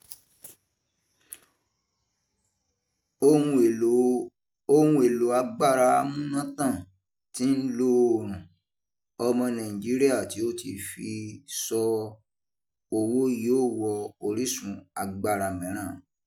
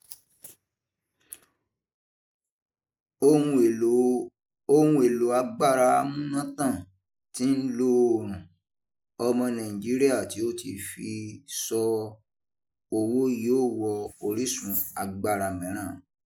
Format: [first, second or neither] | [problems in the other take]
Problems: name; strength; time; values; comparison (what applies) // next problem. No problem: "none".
first | noise reduction (neural mask model Resemble Enhance denoiser)